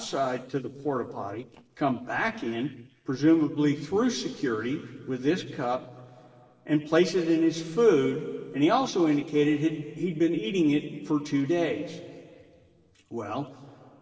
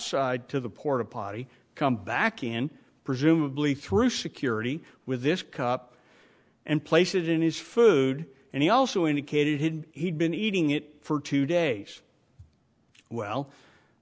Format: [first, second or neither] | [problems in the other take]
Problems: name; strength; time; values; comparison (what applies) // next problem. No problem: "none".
second | noise reduction (neural separator model SepFormer DNS4)